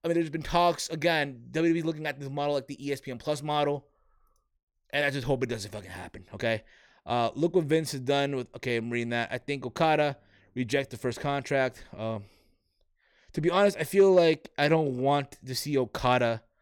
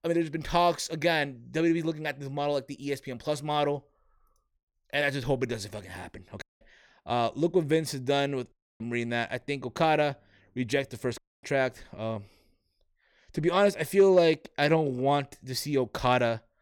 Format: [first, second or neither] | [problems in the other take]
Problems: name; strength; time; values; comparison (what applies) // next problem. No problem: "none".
first | audio cutting out; at 6.5 s, at 8.5 s and at 11 s